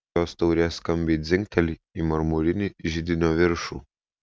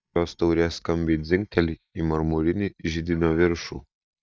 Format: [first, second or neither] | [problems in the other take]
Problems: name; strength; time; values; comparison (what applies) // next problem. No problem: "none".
first | noise reduction (neural mask model DeepFilterNet 3)